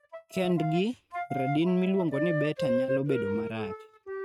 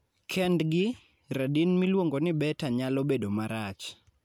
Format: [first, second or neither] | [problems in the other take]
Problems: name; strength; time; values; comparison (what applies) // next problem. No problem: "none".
second | noise reduction (neural mask model RNNoise)